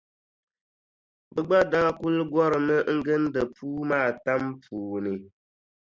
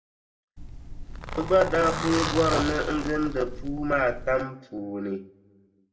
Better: first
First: none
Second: background sound (Zipper (clothing)); 5 dB below the speech // room echo; dies away in 0.5 s

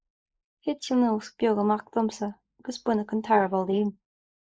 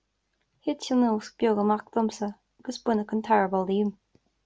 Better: second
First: noise reduction (neural mask model Resemble Enhance denoiser)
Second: none

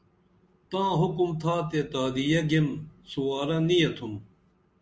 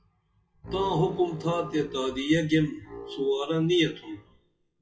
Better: first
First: none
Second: noise reduction (classical method WPE with log-MMSE)

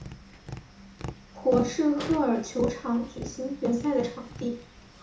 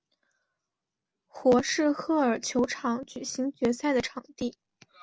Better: second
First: background sound (Tap); 13 dB below the speech // room echo; dies away in 0.8 s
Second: none

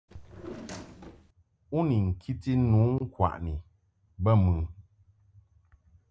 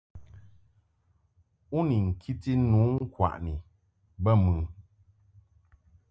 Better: second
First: background sound (Drawer open or close); 15 dB below the speech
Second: none

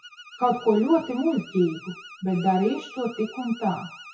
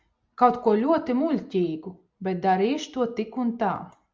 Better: second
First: noise reduction (classical method WPE with log-MMSE)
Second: none

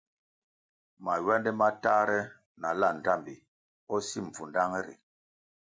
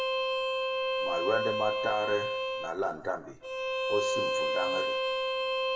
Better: first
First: none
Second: background sound (Bowed string instrument); 5 dB above the speech // room echo; dies away in 0.7 s

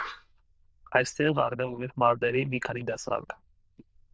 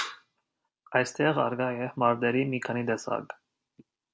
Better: second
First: noise reduction (neural diffusion model UNIVERSE++)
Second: none

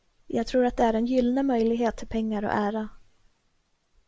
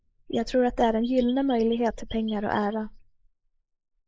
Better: first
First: none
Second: noise reduction (neural mask model Resemble Enhance denoiser)

